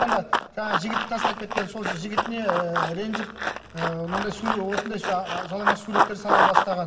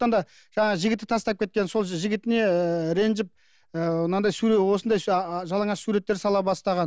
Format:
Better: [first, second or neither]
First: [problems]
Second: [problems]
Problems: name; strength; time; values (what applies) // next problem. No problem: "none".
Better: second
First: background sound (Run); 3 dB above the speech // room echo; dies away in 1.9 s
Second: none